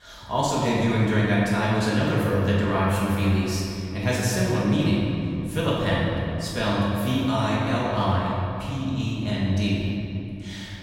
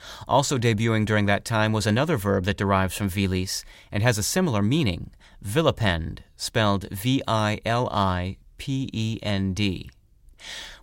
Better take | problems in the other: second | off-mic speech; far // room echo; strong; dies away in 2.6 s

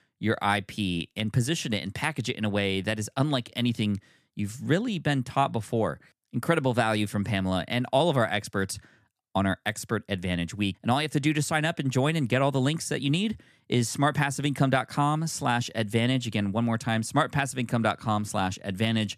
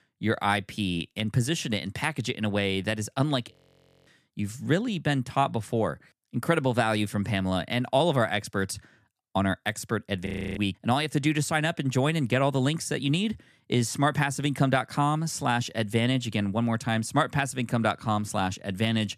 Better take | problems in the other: first | audio freezing; at 3.5 s for 0.5 s and at 10 s

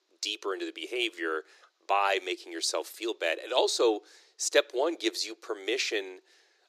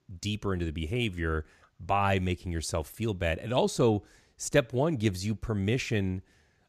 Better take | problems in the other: second | thin; very; fading below 350 Hz

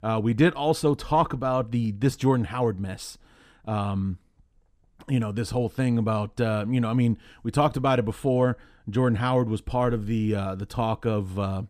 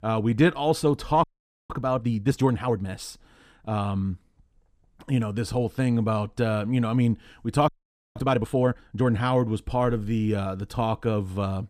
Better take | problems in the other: first | audio freezing; at 1 s and at 7.5 s

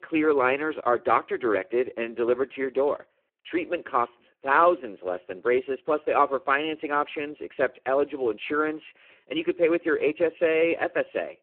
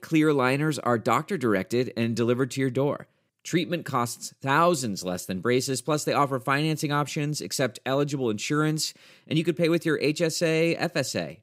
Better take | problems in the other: second | phone-call audio; poor line

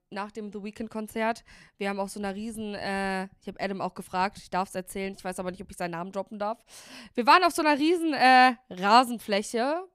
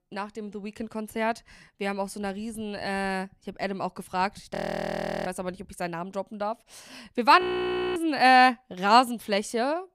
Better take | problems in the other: first | audio freezing; at 4.5 s for 0.5 s and at 7.5 s for 0.5 s

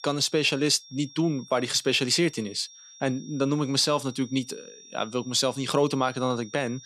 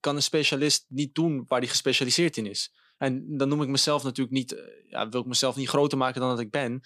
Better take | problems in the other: second | high-pitched whine; faint; throughout; 5.5 kHz, 20 dB below the speech

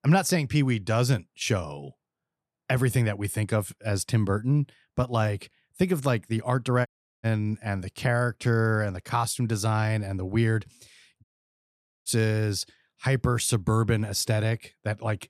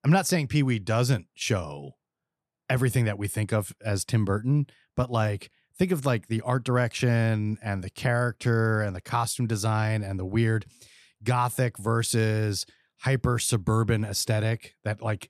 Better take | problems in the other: second | audio cutting out; at 7 s and at 11 s for 1 s

